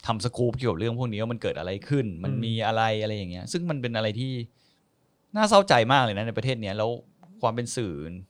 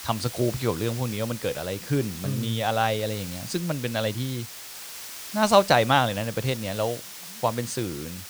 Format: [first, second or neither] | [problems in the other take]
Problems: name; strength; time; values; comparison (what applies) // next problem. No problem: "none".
first | hiss; noticeable; throughout; 10 dB below the speech